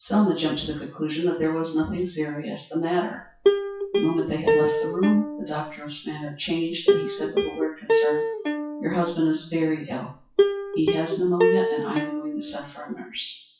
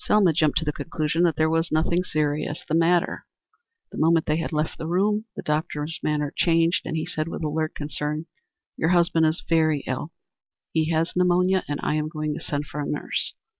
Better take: second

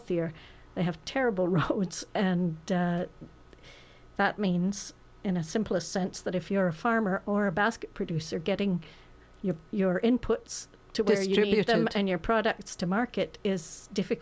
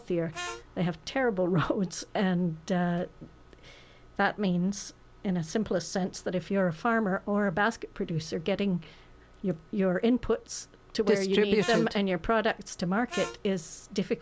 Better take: first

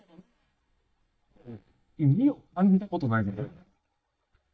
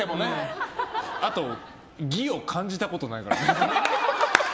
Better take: second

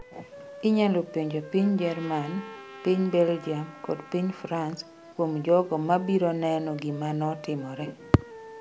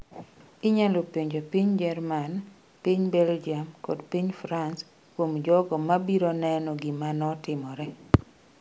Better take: second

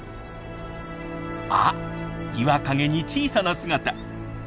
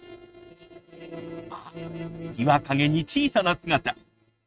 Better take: first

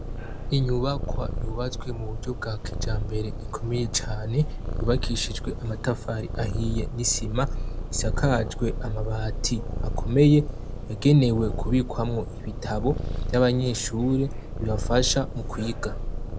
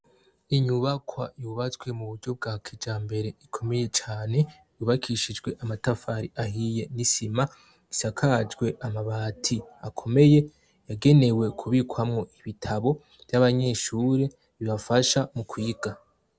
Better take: second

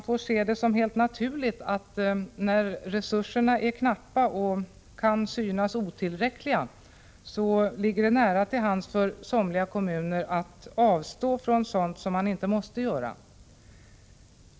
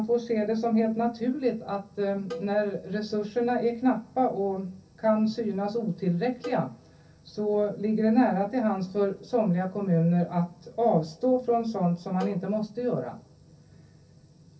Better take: first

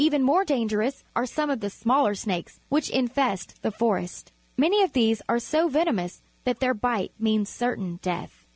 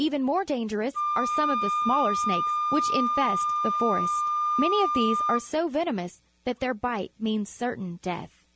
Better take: first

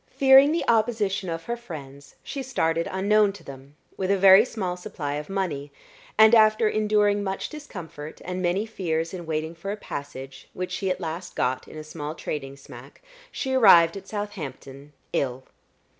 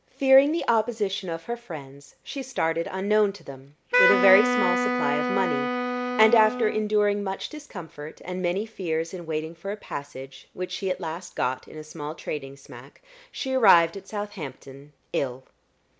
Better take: first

